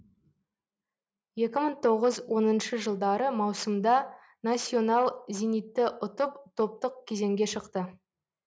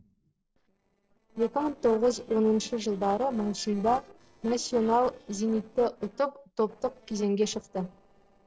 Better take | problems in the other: first | noise reduction (neural separator model SepFormer DNS4)

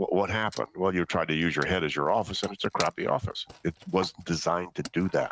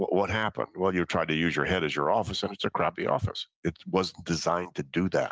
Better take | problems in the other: second | noise reduction (neural mask model RNNoise)

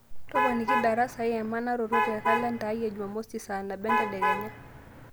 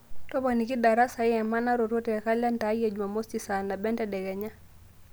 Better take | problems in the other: second | background sound (Alarm / Truck); 1 dB above the speech

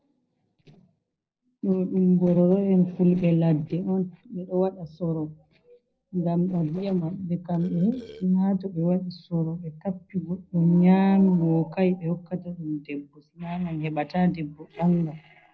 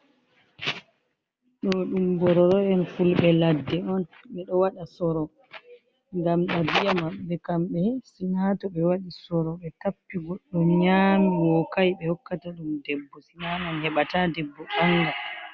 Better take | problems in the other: second | noise reduction (neural separator model SepFormer DNS4)

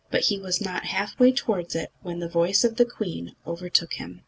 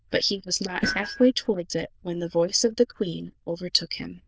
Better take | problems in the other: first | noise reduction (neural diffusion model UNIVERSE++)

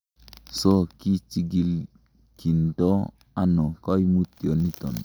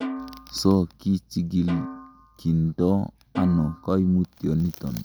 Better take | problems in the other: first | background sound (Snare drum); 13 dB below the speech

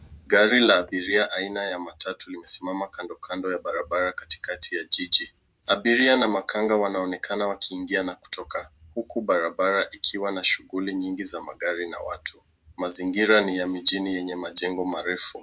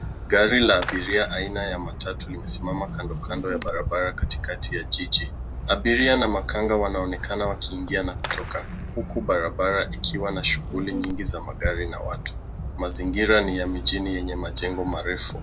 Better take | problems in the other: first | background sound (Fireworks); 6 dB below the speech

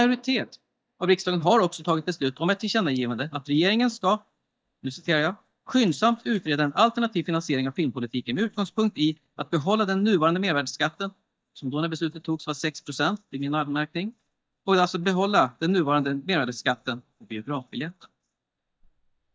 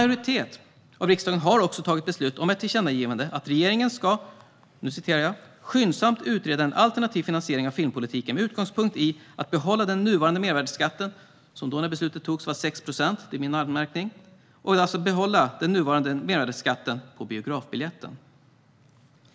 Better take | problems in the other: second | noise reduction (neural mask model DeepFilterNet 3)

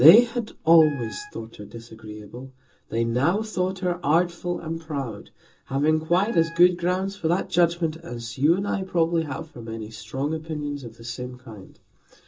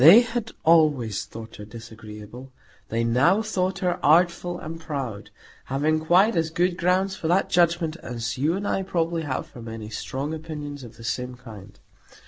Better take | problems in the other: second | background sound (Wind instrument, woodwind instrument); 19 dB below the speech // room echo; dies away in 0.2 s

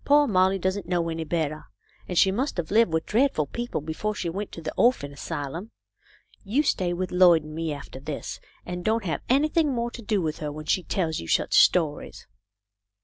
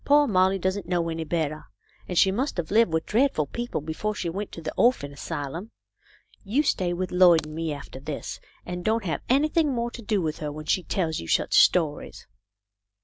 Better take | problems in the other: first | background sound (Crack); 14 dB below the speech

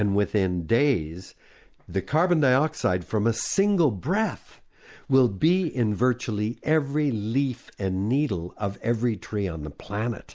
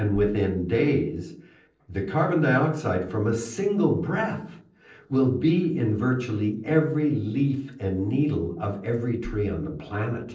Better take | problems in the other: first | noise reduction (neural separator model SepFormer DNS4)

